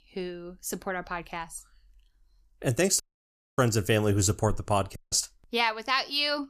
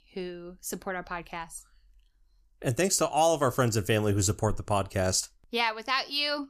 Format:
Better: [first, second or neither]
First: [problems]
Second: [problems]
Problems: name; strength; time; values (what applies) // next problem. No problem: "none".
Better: second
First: audio cutting out; at 3 s for 0.5 s and at 5 s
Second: none